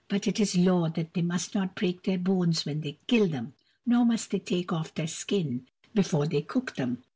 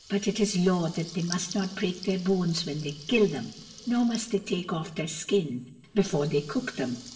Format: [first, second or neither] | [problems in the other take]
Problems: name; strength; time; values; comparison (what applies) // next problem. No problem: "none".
first | background sound (Water tap, faucet / Liquid); 18 dB below the speech // room echo; dies away in 0.8 s